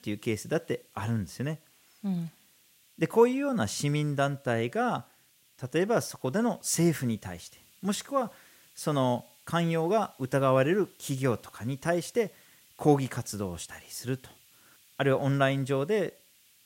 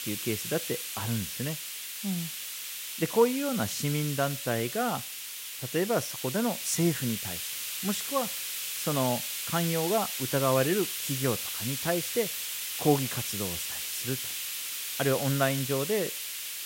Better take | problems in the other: first | hiss; loud; throughout; 2 dB below the speech; faint in the first

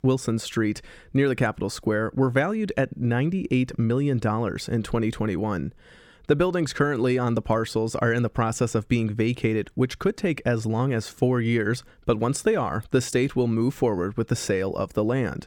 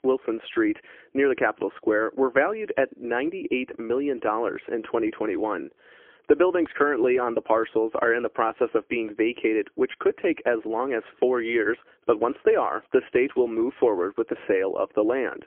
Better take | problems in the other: first | phone-call audio; poor line

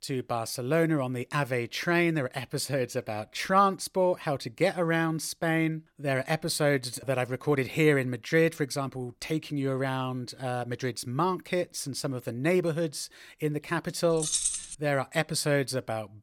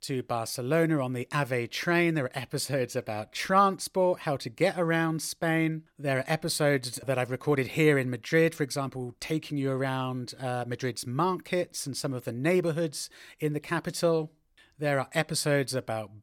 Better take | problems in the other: second | jangling keys; loud; at 14 s; peak 2 dB above the speech

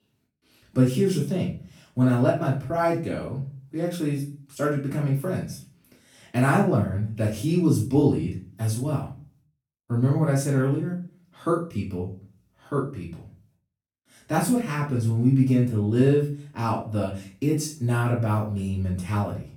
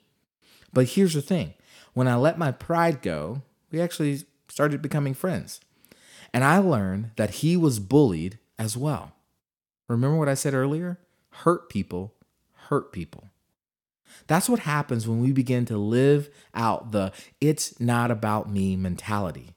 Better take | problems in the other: second | room echo; slight; dies away in 0.4 s // off-mic speech; far

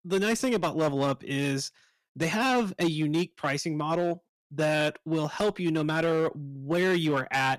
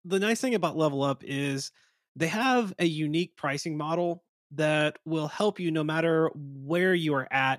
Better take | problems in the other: second | distortion; slight; 8% of the sound clipped

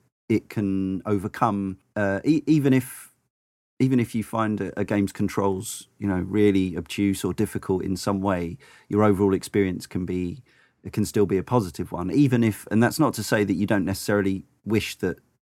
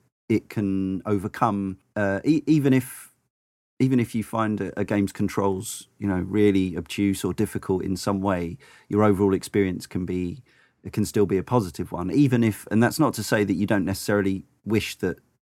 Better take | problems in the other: neither | none

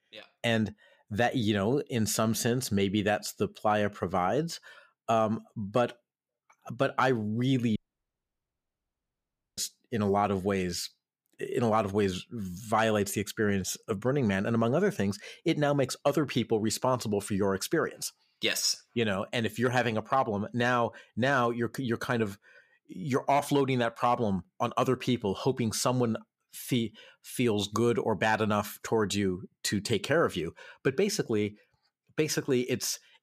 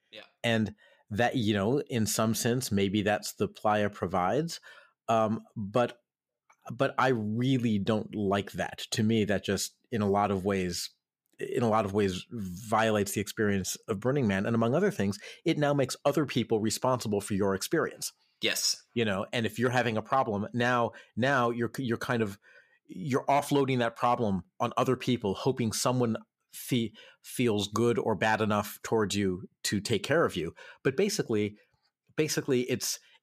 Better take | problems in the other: second | audio cutting out; at 8 s for 2 s

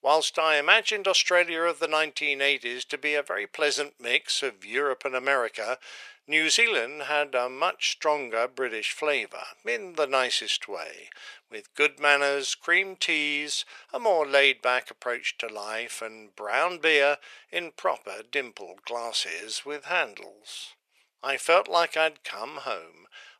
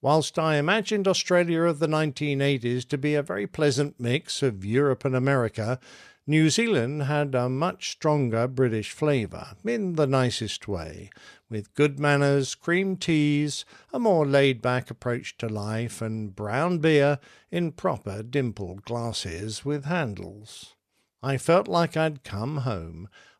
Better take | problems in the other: second | thin; very; fading below 550 Hz

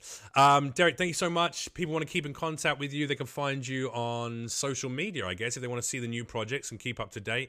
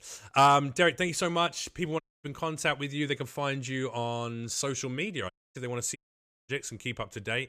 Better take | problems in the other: first | audio cutting out; at 2 s, at 5.5 s and at 6 s for 0.5 s

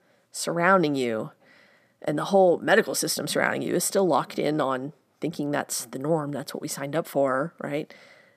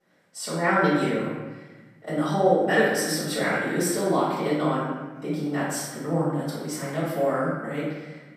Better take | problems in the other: first | off-mic speech; far // room echo; strong; dies away in 1.2 s

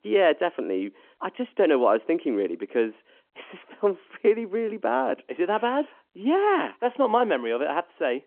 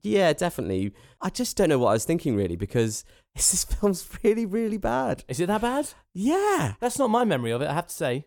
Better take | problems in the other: second | phone-call audio

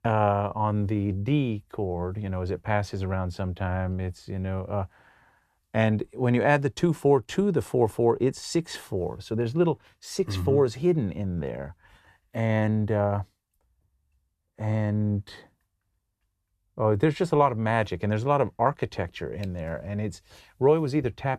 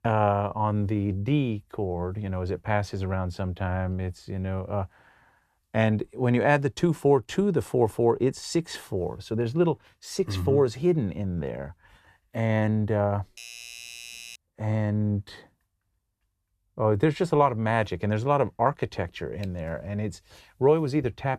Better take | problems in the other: first | doorbell; faint; from 13 to 14 s; peak 15 dB below the speech

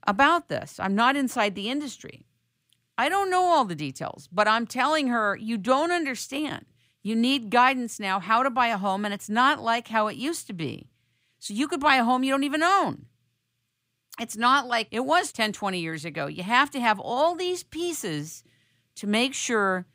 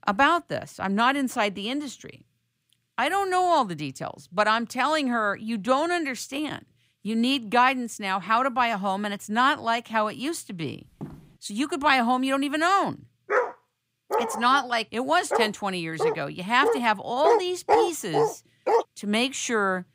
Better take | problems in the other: first | footsteps; faint; at 11 s; peak 15 dB below the speech // dog barking; loud; from 13 to 19 s; peak 2 dB above the speech

